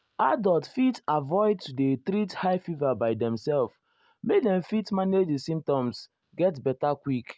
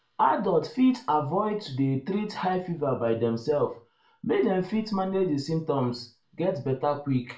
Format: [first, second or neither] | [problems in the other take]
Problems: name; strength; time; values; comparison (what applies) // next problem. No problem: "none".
first | room echo; dies away in 0.3 s